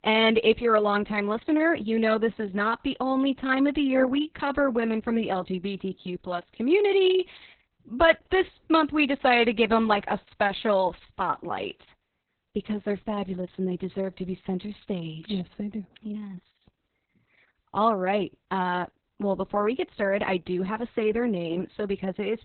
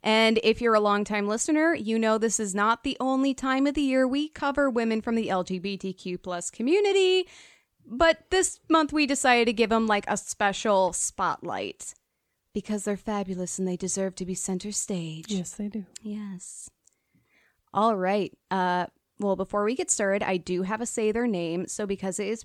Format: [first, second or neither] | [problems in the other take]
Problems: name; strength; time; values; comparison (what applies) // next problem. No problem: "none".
second | garbled, watery; badly; nothing above 4 kHz